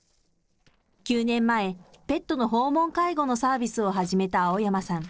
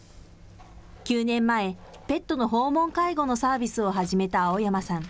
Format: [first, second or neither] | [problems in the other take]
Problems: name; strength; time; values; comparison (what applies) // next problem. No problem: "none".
second | noise reduction (neural separator model SepFormer DNS4)